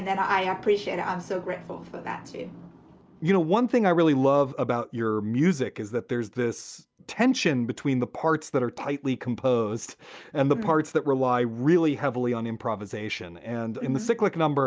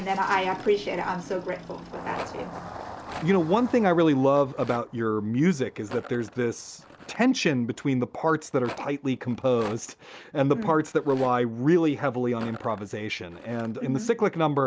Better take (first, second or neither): first